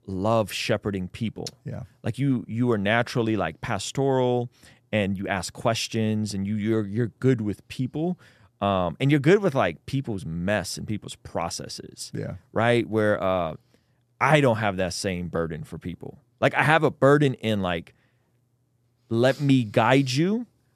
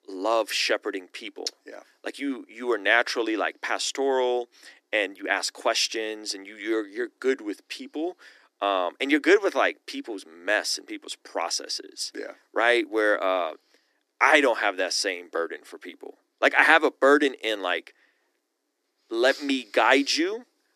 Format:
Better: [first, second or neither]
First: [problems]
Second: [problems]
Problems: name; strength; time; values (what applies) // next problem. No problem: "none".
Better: first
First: none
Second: thin; somewhat; fading below 300 Hz